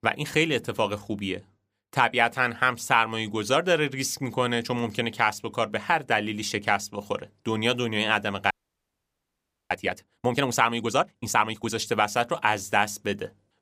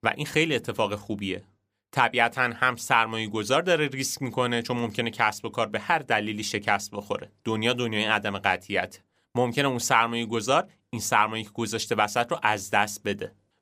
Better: second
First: audio freezing; at 8.5 s for 1 s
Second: none

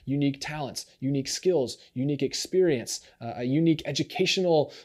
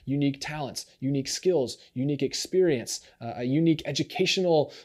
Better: neither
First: none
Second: none

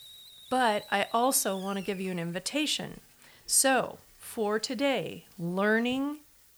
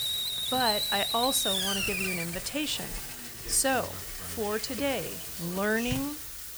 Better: first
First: hiss; faint; throughout; 20 dB below the speech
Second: hiss; loud; throughout; 1 dB below the speech

